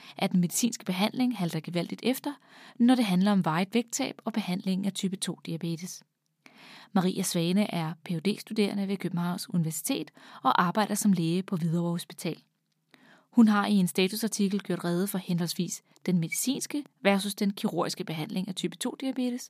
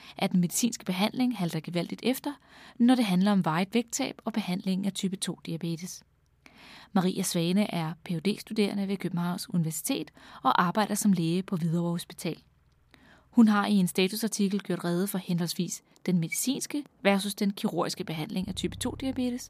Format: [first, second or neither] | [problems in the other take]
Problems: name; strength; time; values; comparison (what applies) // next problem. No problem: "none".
first | traffic noise; faint; throughout; 30 dB below the speech